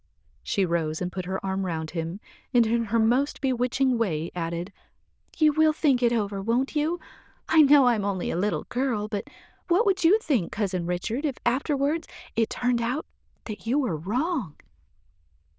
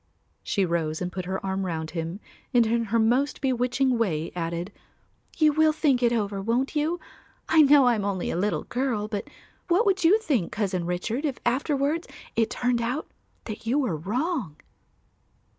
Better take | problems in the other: second | noise reduction (neural diffusion model UNIVERSE++)

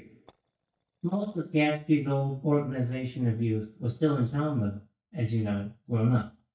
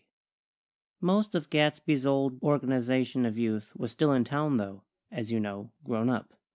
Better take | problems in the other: second | noise reduction (neural mask model DeepFilterNet 3)

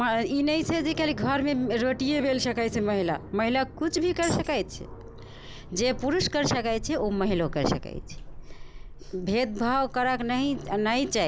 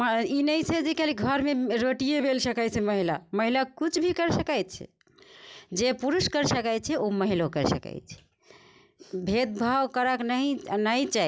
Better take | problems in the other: second | background sound (Aircraft + Tambourine); 13 dB below the speech

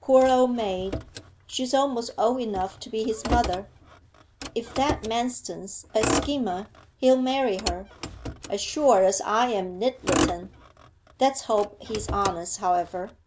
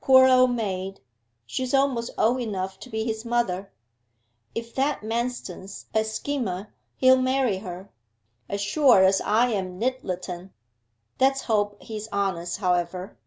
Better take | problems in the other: second | background sound (Motor vehicle (road)); 9 dB below the speech

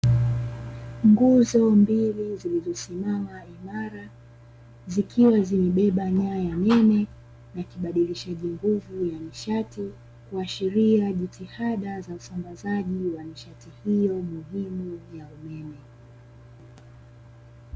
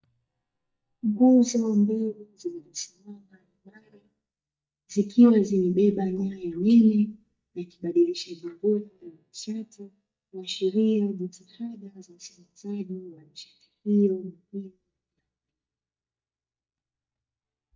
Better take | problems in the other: first | noise reduction (neural mask model DeepFilterNet 3)

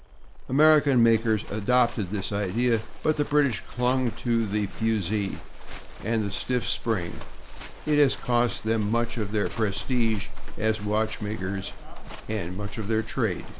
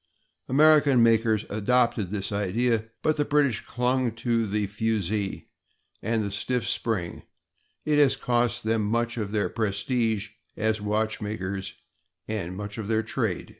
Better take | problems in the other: second | background sound (Livestock, farm animals, working animals); 4 dB below the speech

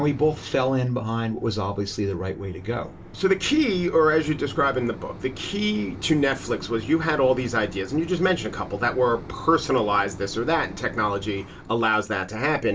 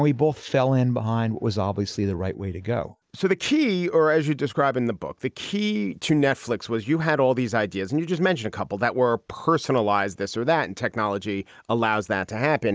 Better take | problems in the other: second | background sound (Mechanisms); 15 dB below the speech // room echo; dies away in 0.2 s

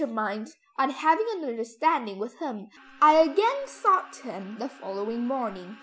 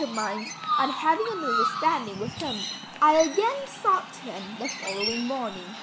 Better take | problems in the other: first | background sound (Chirp, tweet); 5 dB below the speech

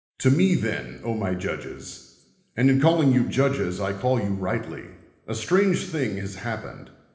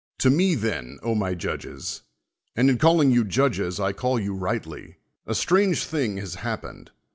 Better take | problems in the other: second | room echo; dies away in 1.1 s

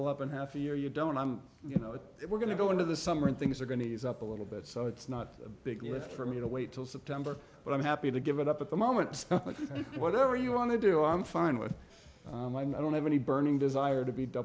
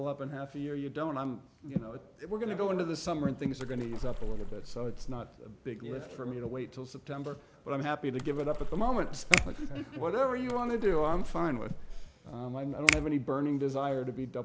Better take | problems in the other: first | background sound (Splash, splatter + Finger snapping); as loud as the speech

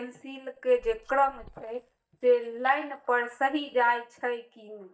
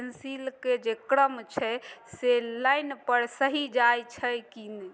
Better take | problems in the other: second | noise reduction (neural mask model DeepFilterNet 3)

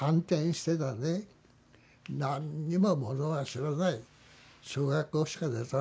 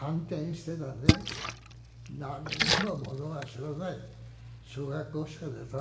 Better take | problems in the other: first | background sound (Splash, splatter); 3 dB above the speech // room echo; dies away in 0.8 s

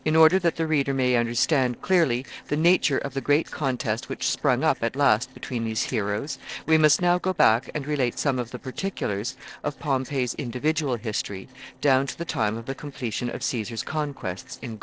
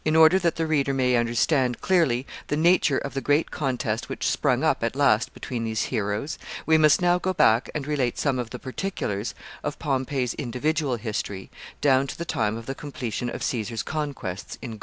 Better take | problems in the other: second | noise reduction (neural separator model SepFormer DNS4)

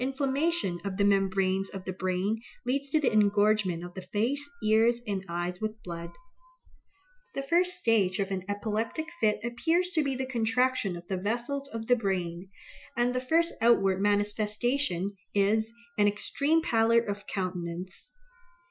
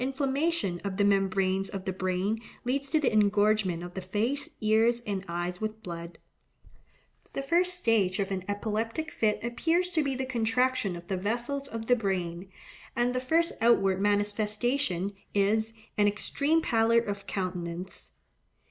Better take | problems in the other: second | noise reduction (classical method Wiener filter)

